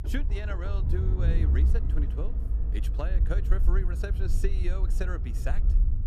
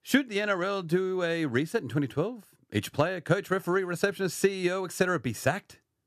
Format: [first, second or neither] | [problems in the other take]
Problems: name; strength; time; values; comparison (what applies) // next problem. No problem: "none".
second | low rumble; loud; throughout; 5 dB below the speech